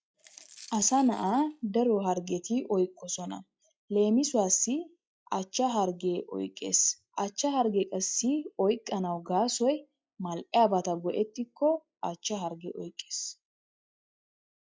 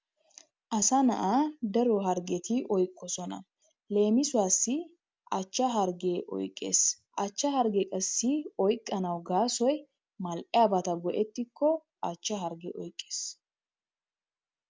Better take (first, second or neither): second